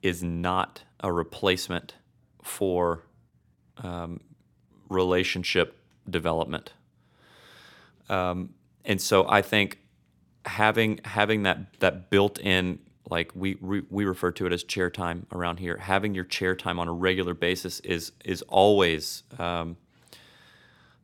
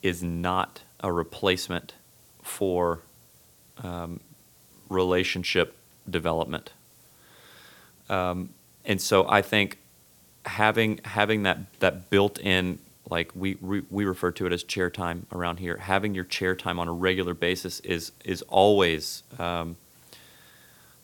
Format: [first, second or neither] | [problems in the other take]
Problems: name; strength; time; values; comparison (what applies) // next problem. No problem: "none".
first | hiss; faint; throughout; 30 dB below the speech